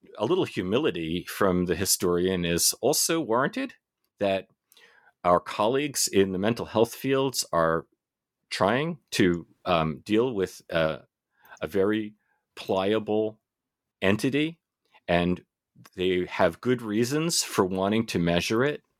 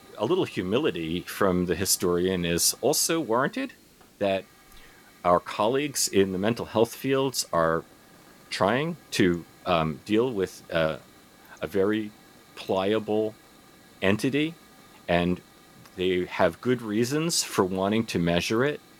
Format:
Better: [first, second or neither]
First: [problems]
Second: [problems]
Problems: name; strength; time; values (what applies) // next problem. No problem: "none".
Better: first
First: none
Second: hiss; faint; throughout; 25 dB below the speech